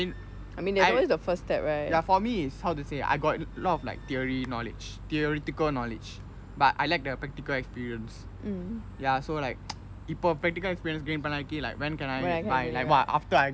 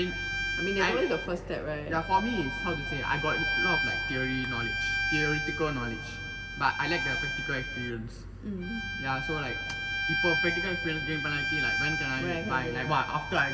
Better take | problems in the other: first | background sound (Bowed string instrument); 1 dB below the speech // room echo; dies away in 1.8 s

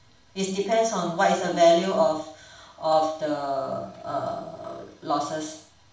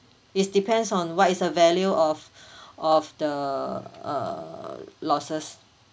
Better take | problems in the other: second | room echo; dies away in 0.5 s

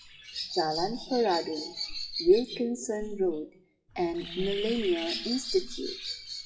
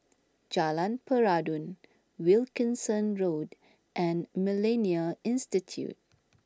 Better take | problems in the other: second | noise reduction (classical method WPE with log-MMSE)

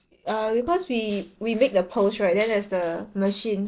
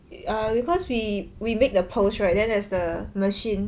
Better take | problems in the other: second | noise reduction (neural separator model SepFormer DNS4)

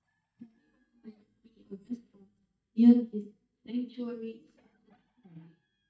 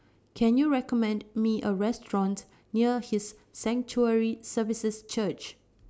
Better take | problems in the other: second | noise reduction (neural mask model DeepFilterNet 3)

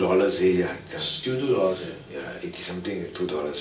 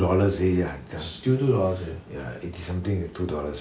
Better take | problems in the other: second | room echo; dies away in 0.2 s

